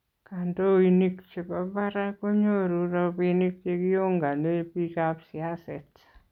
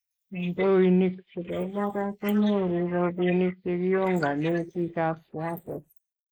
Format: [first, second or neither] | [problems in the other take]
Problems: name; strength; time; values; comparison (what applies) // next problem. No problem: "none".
first | noise reduction (neural mask model Resemble Enhance denoiser)